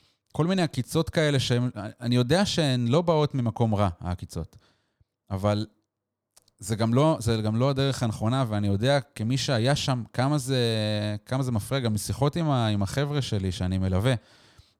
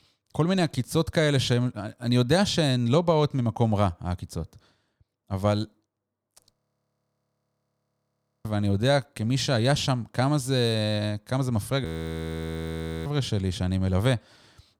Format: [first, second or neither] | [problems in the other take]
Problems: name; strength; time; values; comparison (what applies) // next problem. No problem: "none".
first | audio freezing; at 6.5 s for 2 s and at 12 s for 1 s